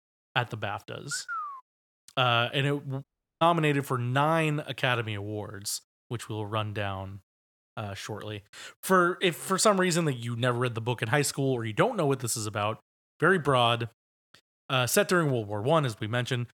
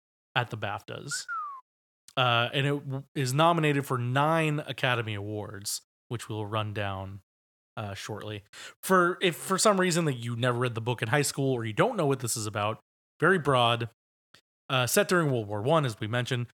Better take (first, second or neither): second